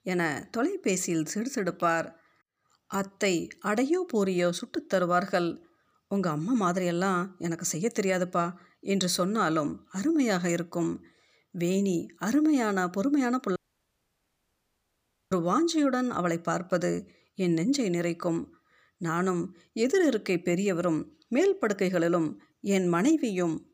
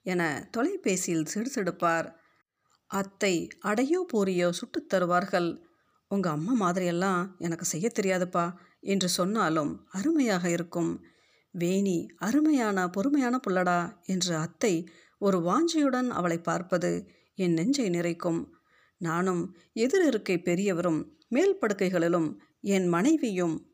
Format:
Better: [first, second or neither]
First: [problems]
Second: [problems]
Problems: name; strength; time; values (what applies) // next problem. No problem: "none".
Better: second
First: audio cutting out; at 14 s for 2 s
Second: none